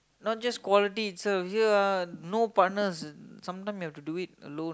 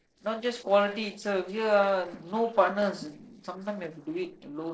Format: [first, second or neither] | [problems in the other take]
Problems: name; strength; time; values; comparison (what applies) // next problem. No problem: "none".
first | noise reduction (neural separator model SepFormer DNS4)